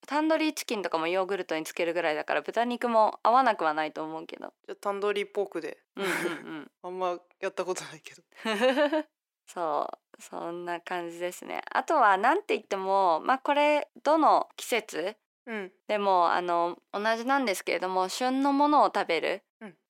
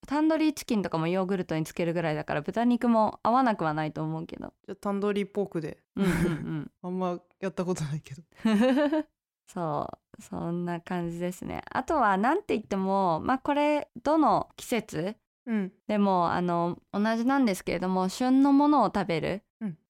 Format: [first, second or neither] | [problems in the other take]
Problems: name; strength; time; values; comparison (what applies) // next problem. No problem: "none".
second | thin; somewhat; fading below 350 Hz